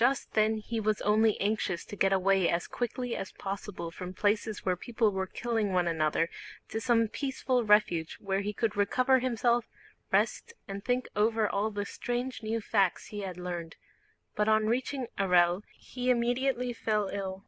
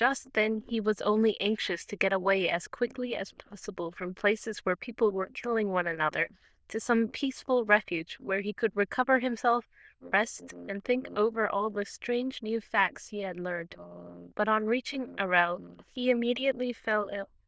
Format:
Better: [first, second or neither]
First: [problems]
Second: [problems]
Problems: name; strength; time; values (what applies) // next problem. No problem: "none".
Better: first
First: none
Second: noise reduction (neural diffusion model UNIVERSE++)